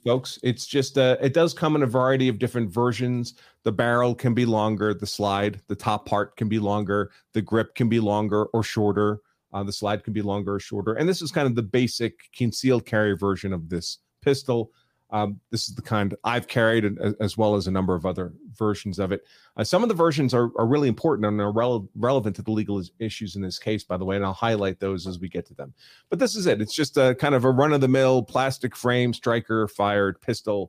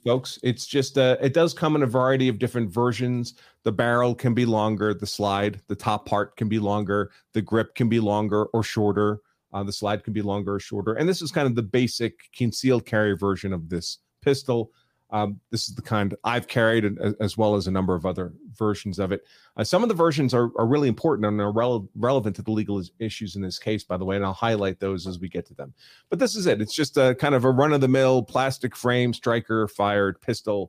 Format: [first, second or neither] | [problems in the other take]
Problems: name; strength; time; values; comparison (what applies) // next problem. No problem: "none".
neither | none